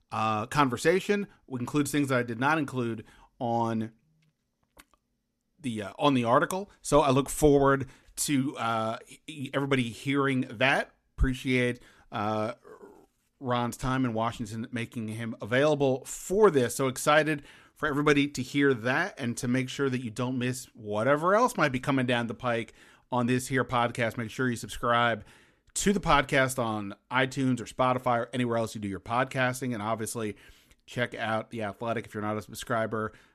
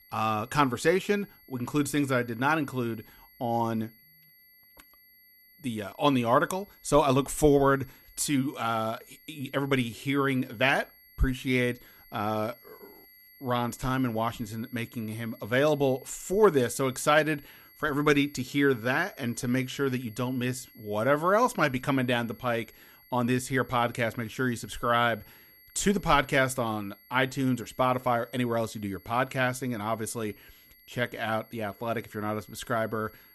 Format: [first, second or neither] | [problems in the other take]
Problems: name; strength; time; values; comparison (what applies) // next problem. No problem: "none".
first | high-pitched whine; faint; throughout; 11.5 kHz, 25 dB below the speech